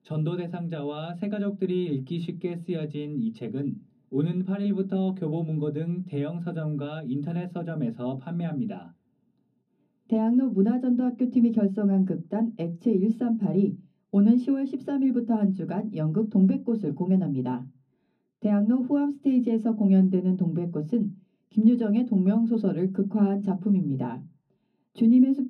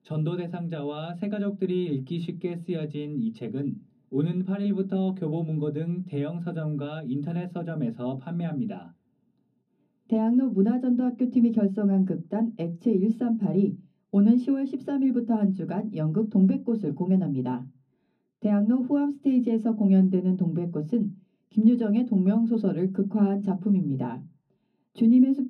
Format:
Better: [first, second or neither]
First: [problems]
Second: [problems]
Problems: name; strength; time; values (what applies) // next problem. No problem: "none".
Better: neither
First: room echo; slight; dies away in 0.3 s // off-mic speech; far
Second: room echo; slight; dies away in 0.3 s // off-mic speech; far